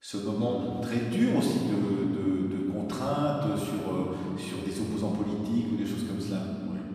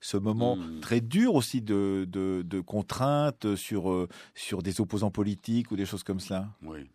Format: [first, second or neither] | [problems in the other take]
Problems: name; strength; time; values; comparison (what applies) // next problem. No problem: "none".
second | off-mic speech; far // room echo; noticeable; dies away in 2.8 s